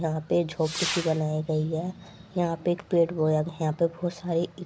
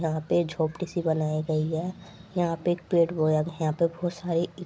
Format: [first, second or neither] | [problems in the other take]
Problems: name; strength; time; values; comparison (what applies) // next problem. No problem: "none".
second | background sound (Whoosh, swoosh, swish / Fireworks); 14 dB below the speech